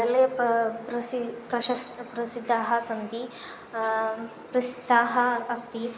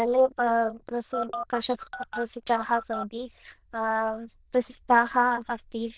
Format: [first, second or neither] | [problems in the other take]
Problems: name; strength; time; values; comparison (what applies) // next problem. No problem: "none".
first | noise reduction (neural diffusion model UNIVERSE++)